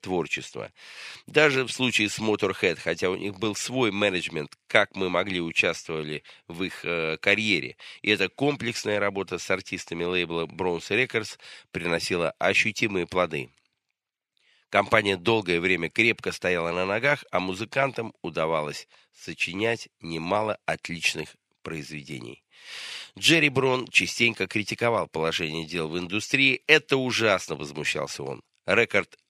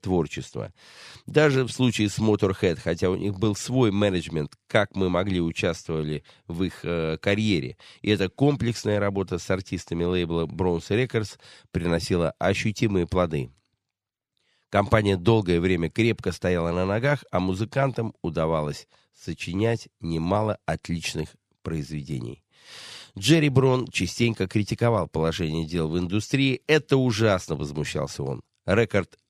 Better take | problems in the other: second | thin; somewhat; fading below 500 Hz

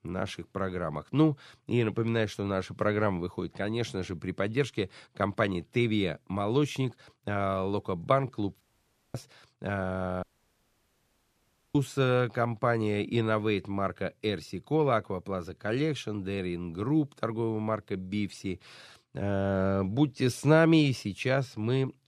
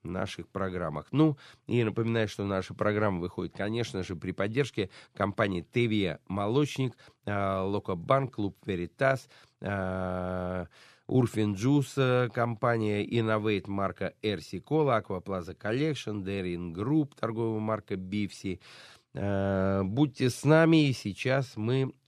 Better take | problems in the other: second | audio cutting out; at 8.5 s for 0.5 s and at 10 s for 1.5 s

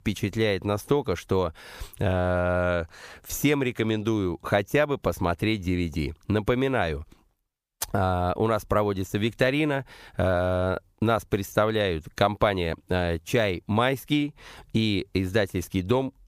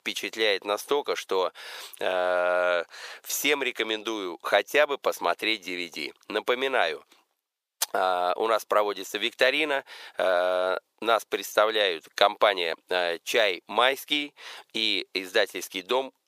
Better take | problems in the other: first | thin; very; fading below 450 Hz

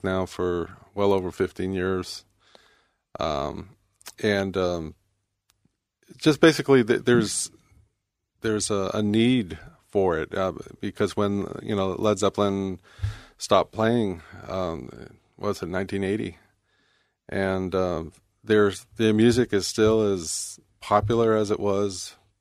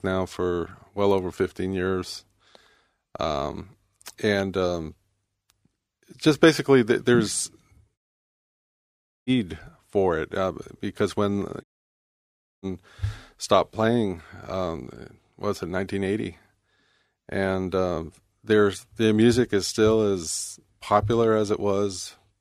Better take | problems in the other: first | audio cutting out; at 8 s for 1.5 s and at 12 s for 1 s

